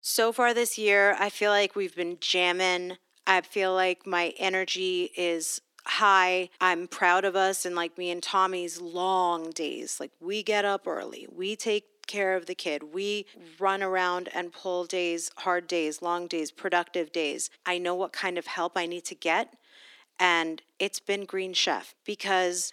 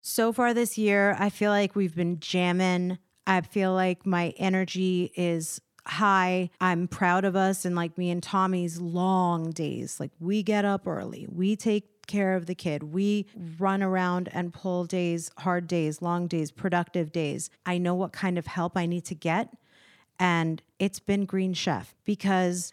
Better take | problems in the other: second | thin; very; fading below 300 Hz

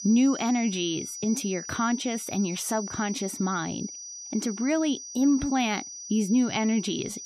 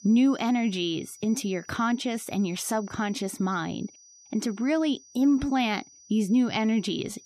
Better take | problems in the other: second | high-pitched whine; loud; throughout; 6 kHz, 9 dB below the speech; faint in the second

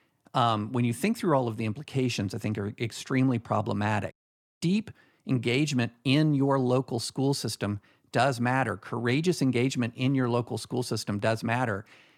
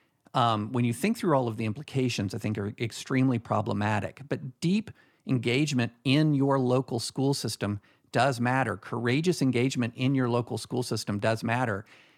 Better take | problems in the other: second | audio cutting out; at 4 s

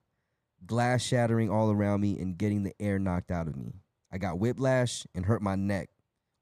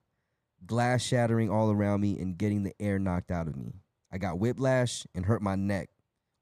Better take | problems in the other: neither | none

